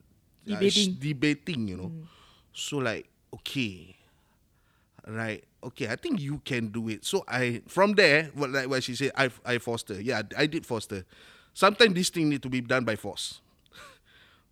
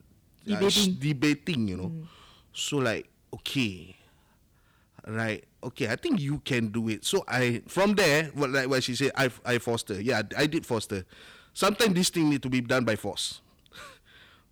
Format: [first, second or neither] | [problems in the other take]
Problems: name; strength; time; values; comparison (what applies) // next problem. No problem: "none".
first | distortion; heavy; 4% of the sound clipped